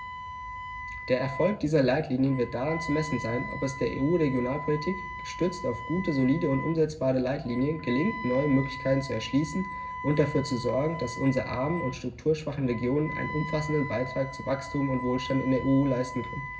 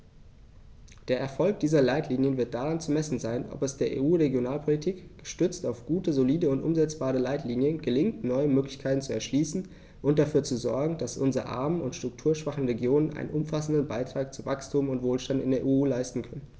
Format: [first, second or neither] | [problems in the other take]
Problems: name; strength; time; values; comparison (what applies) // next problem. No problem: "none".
second | background sound (Wind instrument, woodwind instrument); 11 dB below the speech // room echo; dies away in 0.4 s